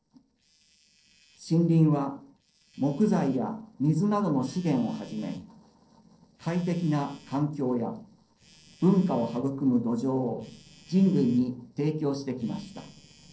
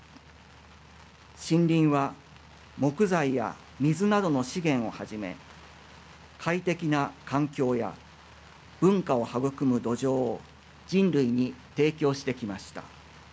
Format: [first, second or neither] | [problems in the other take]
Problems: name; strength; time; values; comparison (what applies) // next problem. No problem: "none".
second | noise reduction (neural separator model SepFormer DNS4)